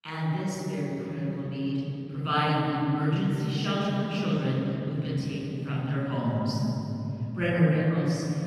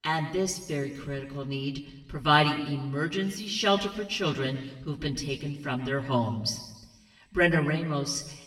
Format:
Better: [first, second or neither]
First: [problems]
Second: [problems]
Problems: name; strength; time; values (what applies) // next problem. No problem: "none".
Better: second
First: room echo; strong; dies away in 3 s // off-mic speech; far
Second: room echo; slight; dies away in 1.1 s // off-mic speech; far